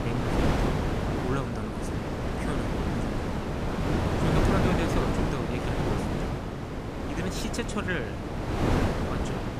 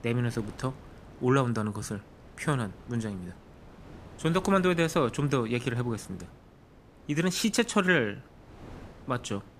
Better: second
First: wind noise on the microphone; heavy; 4 dB above the speech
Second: wind noise on the microphone; occasional gusts; 25 dB below the speech

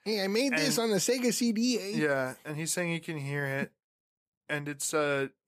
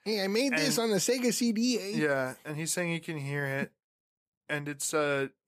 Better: neither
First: none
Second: none

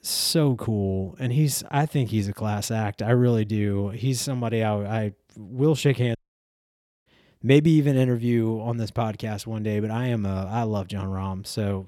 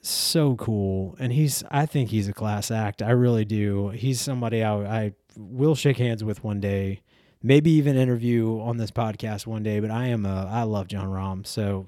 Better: second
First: audio cutting out; at 6 s for 1 s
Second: none

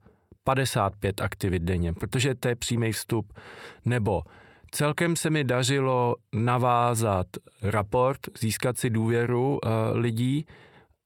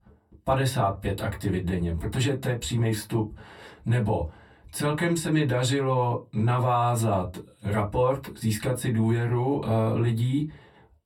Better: first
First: none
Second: off-mic speech; far // room echo; very slight; dies away in 0.2 s

